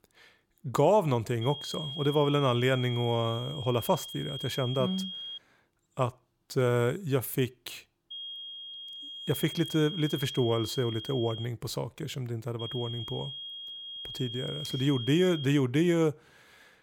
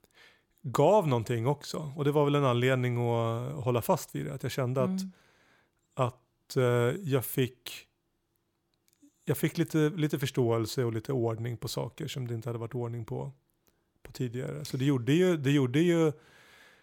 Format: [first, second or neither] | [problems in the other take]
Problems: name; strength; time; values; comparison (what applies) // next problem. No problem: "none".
second | high-pitched whine; loud; from 1.5 to 5.5 s, from 8 to 11 s and from 13 to 15 s; 3.5 kHz, 9 dB below the speech